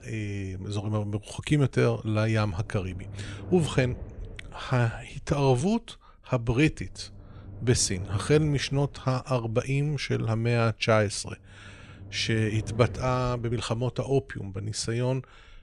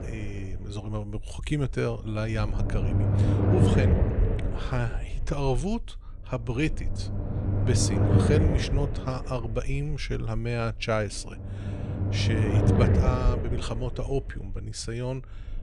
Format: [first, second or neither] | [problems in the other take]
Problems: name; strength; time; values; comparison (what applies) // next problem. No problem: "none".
first | low rumble; loud; throughout; as loud as the speech; faint in the first